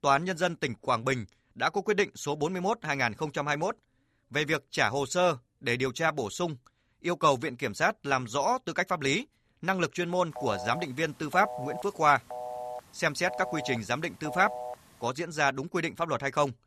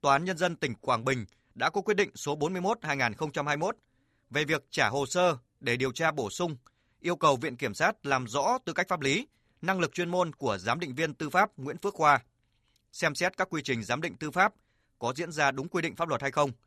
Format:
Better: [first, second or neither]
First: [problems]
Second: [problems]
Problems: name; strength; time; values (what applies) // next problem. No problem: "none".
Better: second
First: phone ringing; noticeable; from 10 to 15 s; peak 8 dB below the speech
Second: none